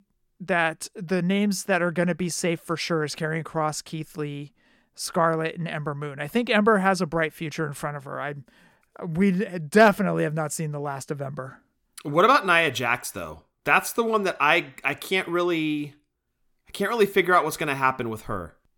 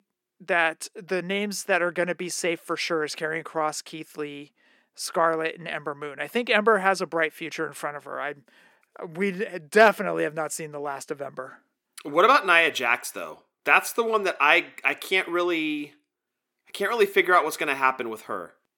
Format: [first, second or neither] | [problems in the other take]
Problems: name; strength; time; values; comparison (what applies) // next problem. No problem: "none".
first | thin; somewhat; fading below 350 Hz